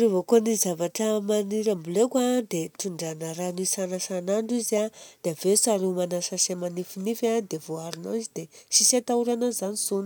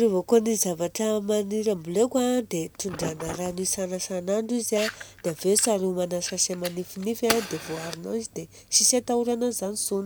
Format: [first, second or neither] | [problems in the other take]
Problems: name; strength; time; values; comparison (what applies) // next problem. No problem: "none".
first | background sound (Fire); 14 dB below the speech